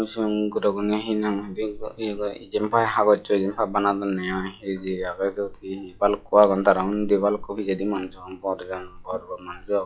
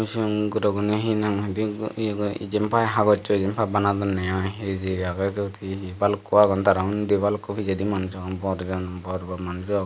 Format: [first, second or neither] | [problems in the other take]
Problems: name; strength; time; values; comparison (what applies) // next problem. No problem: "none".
second | noise reduction (classical method log-MMSE)